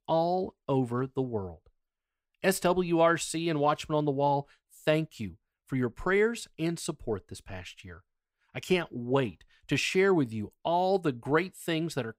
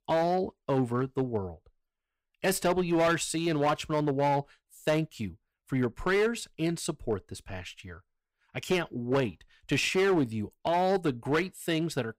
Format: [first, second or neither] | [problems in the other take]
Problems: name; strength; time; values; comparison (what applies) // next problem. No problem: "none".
first | distortion; slight; 7% of the sound clipped